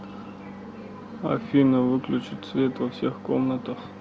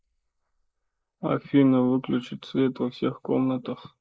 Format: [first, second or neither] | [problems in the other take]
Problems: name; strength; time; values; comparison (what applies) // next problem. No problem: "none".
first | noise reduction (neural mask model Resemble Enhance denoiser)